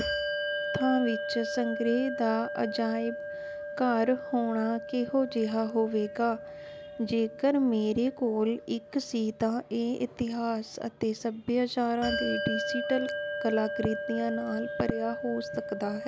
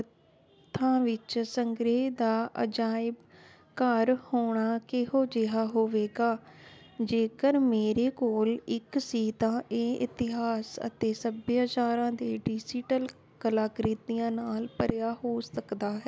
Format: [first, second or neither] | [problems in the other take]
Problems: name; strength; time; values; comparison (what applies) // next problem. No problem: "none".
second | background sound (Bell); 7 dB below the speech